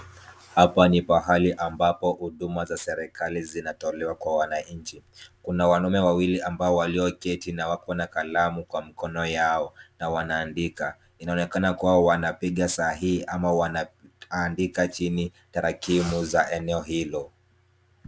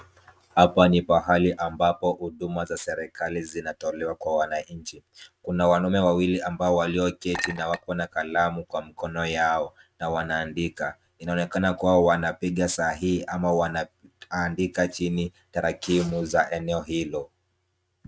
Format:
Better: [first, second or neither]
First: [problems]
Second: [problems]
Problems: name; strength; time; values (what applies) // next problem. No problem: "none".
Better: first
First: none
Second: noise reduction (neural mask model RNNoise)